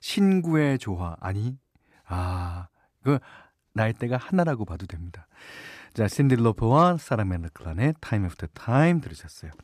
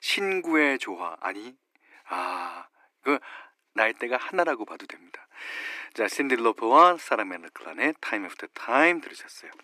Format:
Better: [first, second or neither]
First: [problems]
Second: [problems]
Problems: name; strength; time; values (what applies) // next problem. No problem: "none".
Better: first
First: none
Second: thin; very; fading below 300 Hz